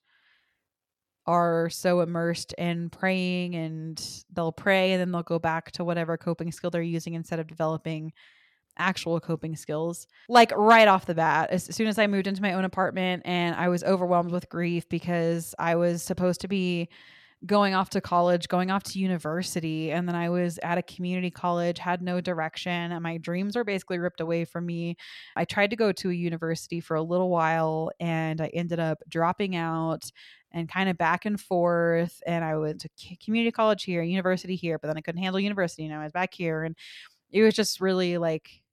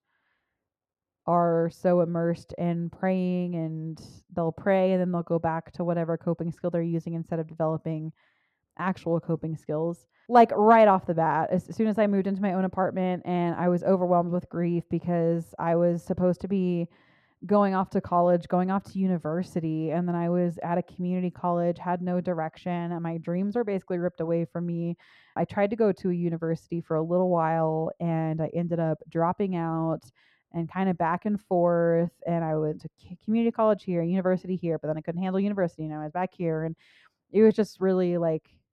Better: first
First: none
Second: muffled; very; fading above 1.5 kHz

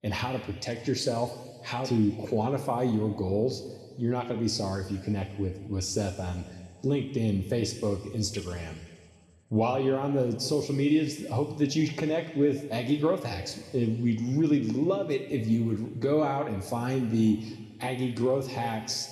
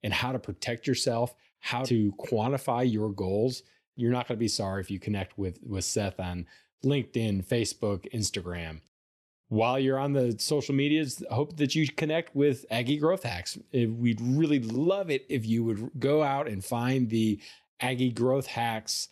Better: second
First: room echo; noticeable; dies away in 1.7 s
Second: none

